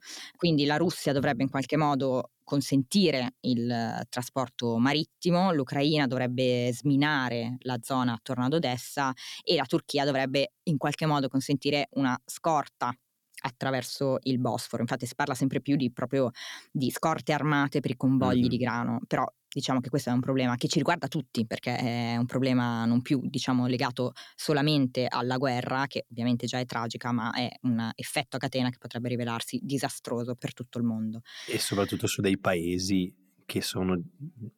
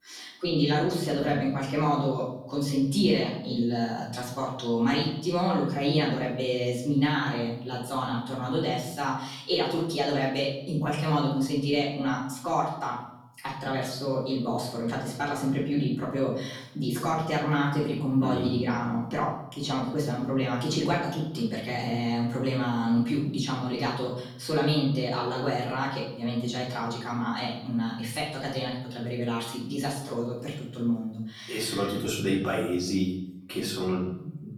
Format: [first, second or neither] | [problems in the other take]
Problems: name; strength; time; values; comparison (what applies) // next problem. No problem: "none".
first | off-mic speech; far // room echo; noticeable; dies away in 0.7 s